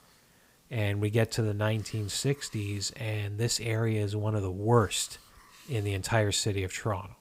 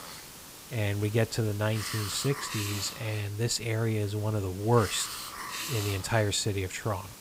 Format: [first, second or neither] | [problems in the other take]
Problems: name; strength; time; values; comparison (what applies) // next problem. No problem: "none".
first | hiss; loud; throughout; 9 dB below the speech; faint in the first